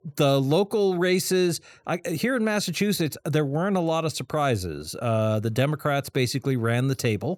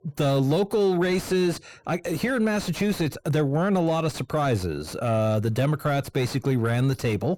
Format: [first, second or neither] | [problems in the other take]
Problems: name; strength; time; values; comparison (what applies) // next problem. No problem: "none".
first | distortion; slight; 10 dB below the speech